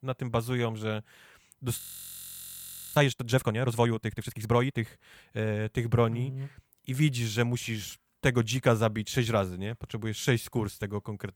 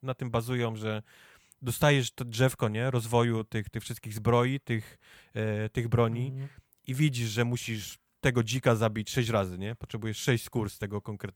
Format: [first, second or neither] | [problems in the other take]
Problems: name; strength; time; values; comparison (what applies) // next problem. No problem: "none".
second | audio freezing; at 2 s for 1 s